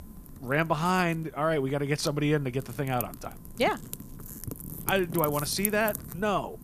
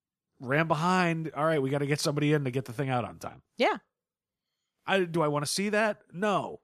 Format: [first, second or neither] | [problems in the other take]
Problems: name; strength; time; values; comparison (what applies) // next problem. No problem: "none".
second | wind noise on the microphone; occasional gusts; 15 dB below the speech